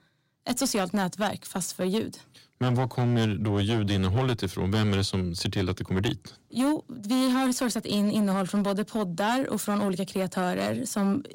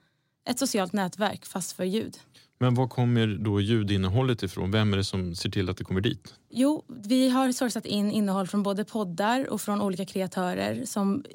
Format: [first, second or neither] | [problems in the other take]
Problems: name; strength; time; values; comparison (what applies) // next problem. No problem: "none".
second | distortion; slight; 12% of the sound clipped